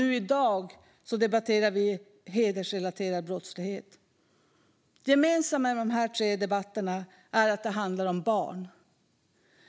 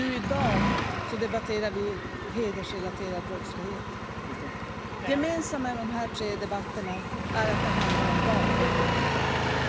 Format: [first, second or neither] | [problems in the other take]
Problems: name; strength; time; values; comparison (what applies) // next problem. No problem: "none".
first | background sound (Engine); 4 dB above the speech